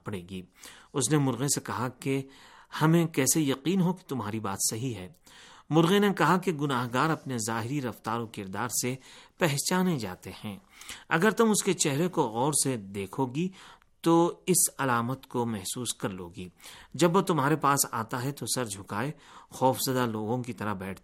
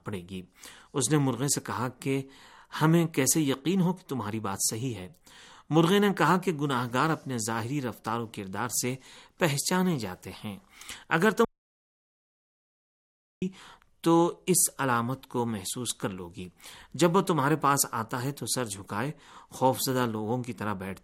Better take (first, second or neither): first